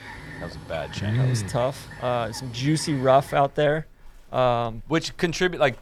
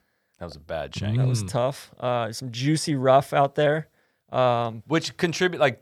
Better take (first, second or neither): second